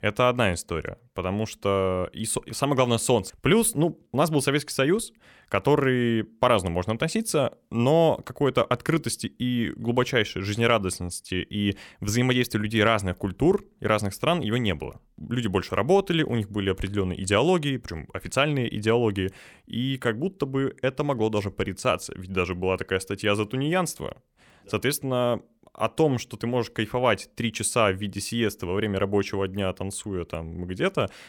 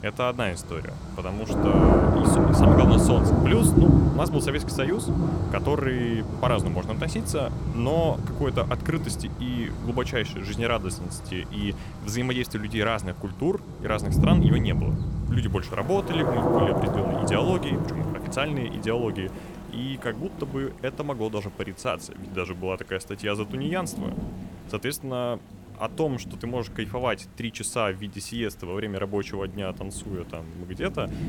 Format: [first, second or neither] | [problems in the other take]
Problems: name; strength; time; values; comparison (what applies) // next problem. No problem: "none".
first | rain or running water; very loud; throughout; 5 dB above the speech